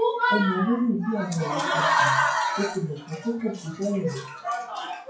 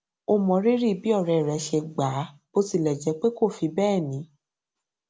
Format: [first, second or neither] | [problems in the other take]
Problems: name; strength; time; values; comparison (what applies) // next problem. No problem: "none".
second | noise reduction (classical method WPE with log-MMSE)